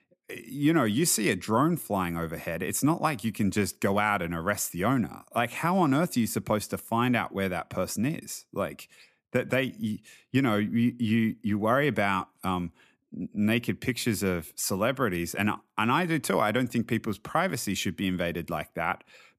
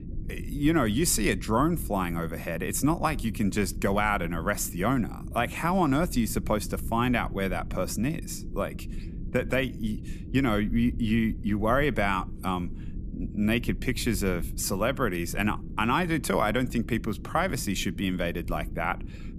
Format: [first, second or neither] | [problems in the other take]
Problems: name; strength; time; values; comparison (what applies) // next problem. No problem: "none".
first | low rumble; faint; throughout; 20 dB below the speech